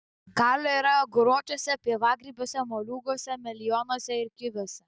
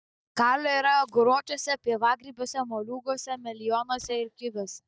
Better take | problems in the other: first | noise reduction (neural mask model DeepFilterNet 3)

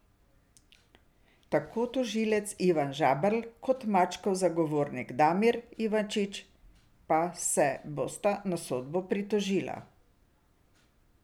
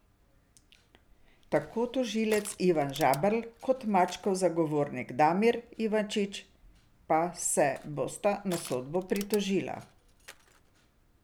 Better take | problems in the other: first | background sound (Crushing); 20 dB below the speech

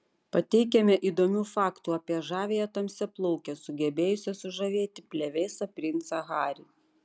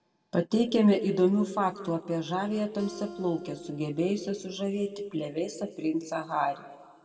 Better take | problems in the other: first | background sound (Acoustic guitar); 19 dB below the speech // room echo; dies away in 1.4 s

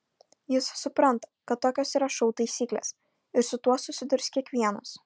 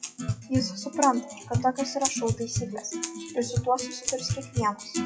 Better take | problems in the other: first | noise reduction (classical method WPE with log-MMSE)

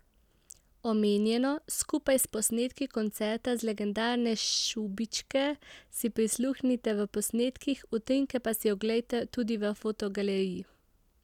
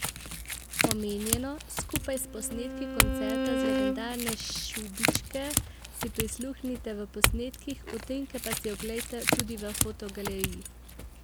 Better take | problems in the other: first | background sound (Chink, clink / Domestic sounds, home sounds + Bowed string instrument); 5 dB above the speech

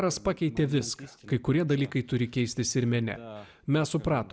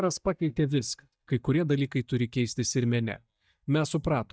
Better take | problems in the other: first | noise reduction (neural mask model DeepFilterNet 3)

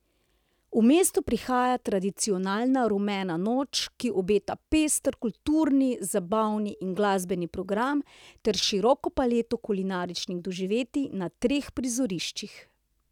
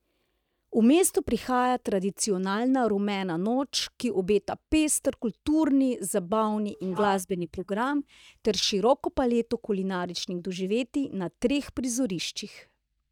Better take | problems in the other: first | noise reduction (neural mask model DeepFilterNet 3)

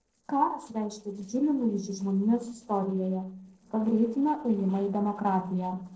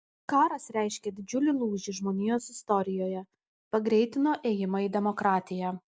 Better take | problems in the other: second | noise reduction (neural separator model SepFormer DNS4)

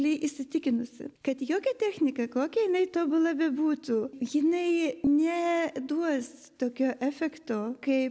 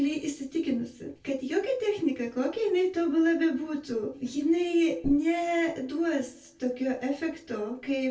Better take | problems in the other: first | room echo; dies away in 0.2 s

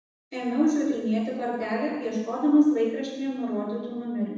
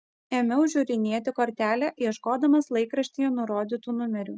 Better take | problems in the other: second | room echo; dies away in 1.1 s

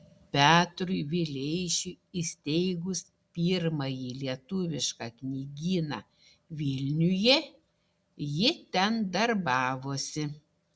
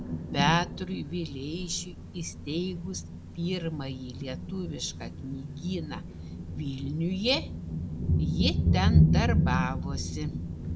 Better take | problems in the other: first | background sound (Thunder); 3 dB above the speech

